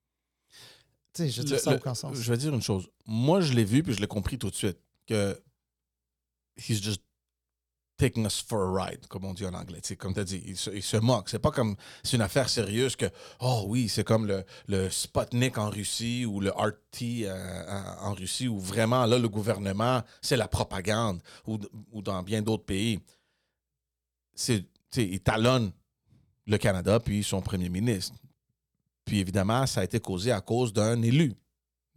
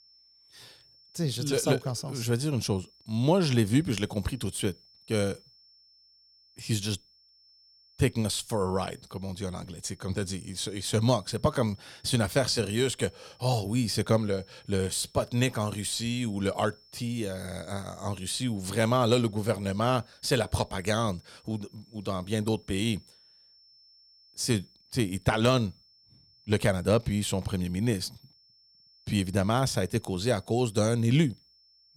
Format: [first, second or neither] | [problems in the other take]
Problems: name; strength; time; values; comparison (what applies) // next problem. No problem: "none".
first | high-pitched whine; faint; throughout; 5.5 kHz, 30 dB below the speech